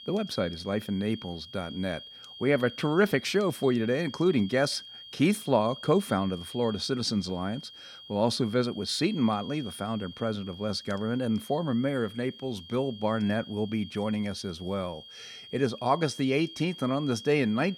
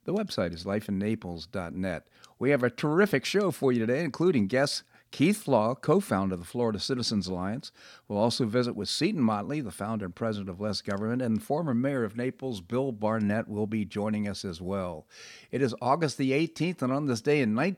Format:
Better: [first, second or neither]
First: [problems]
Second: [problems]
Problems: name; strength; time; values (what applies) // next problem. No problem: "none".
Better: second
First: high-pitched whine; noticeable; throughout; 3.5 kHz, 15 dB below the speech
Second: none